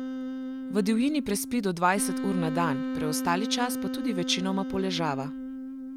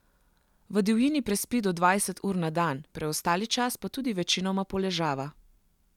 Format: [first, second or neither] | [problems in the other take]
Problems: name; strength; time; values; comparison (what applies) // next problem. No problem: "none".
second | background sound (Wind instrument, woodwind instrument); 4 dB below the speech